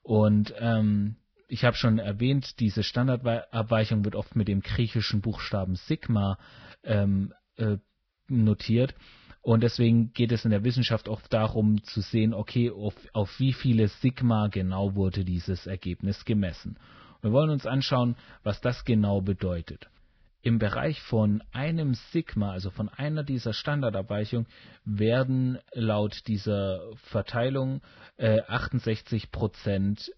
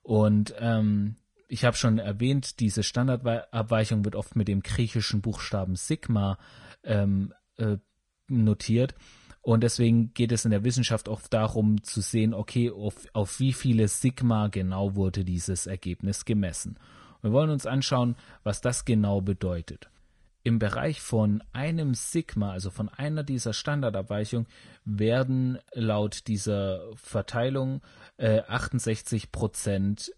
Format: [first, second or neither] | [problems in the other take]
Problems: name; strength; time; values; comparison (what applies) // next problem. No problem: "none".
second | garbled, watery; badly; nothing above 5.5 kHz; slightly in the second